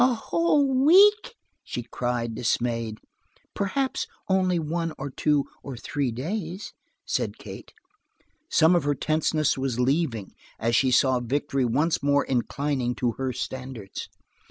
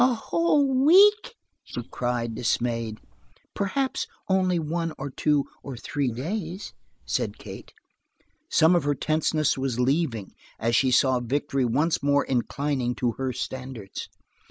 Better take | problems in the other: first | noise reduction (neural mask model Resemble Enhance denoiser)

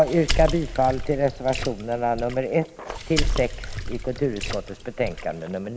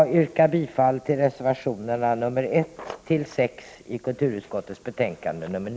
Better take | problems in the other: second | background sound (Water / Splash, splatter); 4 dB below the speech

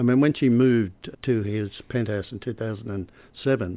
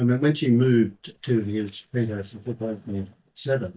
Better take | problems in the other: first | noise reduction (neural mask model DeepFilterNet 3)

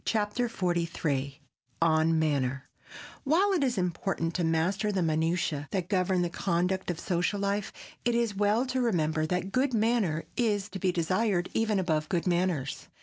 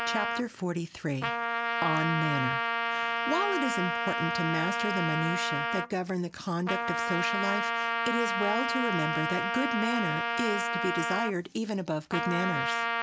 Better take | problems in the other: first | background sound (Trumpet); 1 dB above the speech

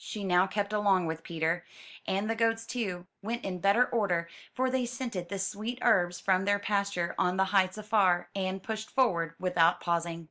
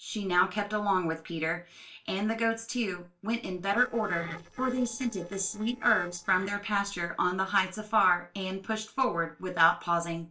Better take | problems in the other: first | noise reduction (neural separator model SepFormer DNS4)

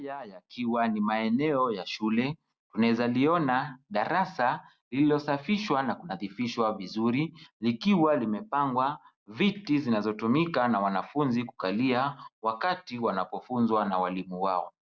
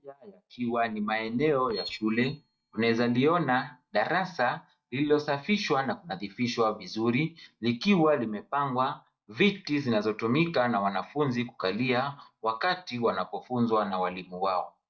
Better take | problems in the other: first | noise reduction (neural mask model DeepFilterNet 3)

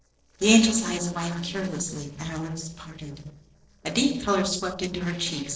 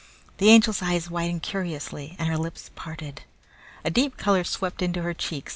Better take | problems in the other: second | noise reduction (neural separator model SepFormer DNS4)

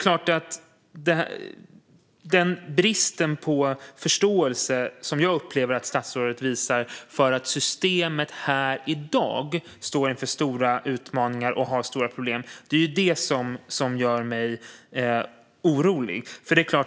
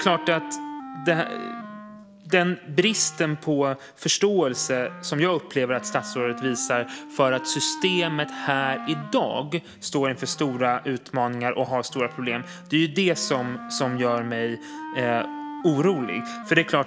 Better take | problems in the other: first | background sound (Wind instrument, woodwind instrument); 13 dB below the speech

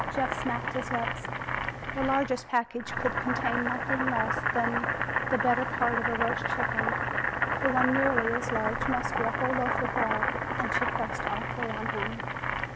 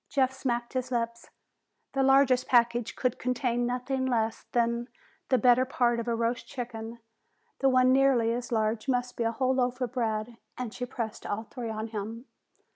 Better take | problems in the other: second | background sound (Boiling); 2 dB above the speech

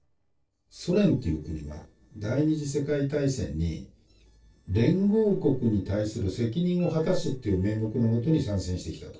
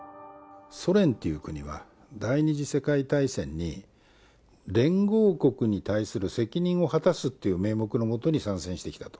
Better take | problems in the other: second | noise reduction (neural separator model SepFormer DNS4)

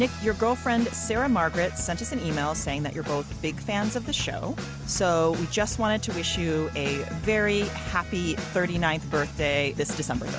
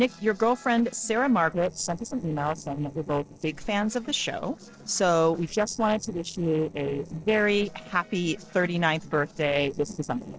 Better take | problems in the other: first | noise reduction (neural separator model SepFormer DNS4)

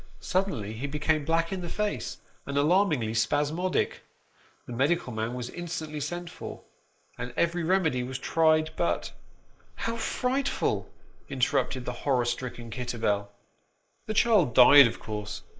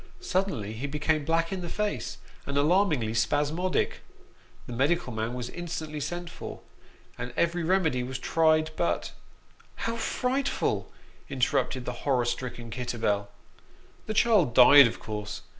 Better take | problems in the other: second | noise reduction (neural mask model Resemble Enhance denoiser)

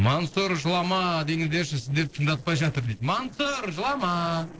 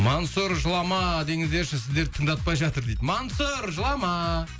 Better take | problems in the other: second | noise reduction (neural separator model SepFormer DNS4)

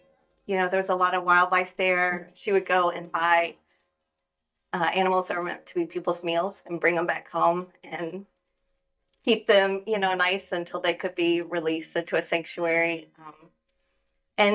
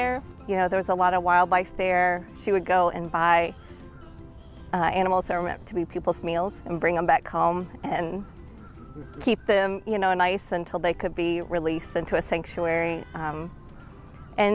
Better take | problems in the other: second | noise reduction (neural mask model DeepFilterNet 3)

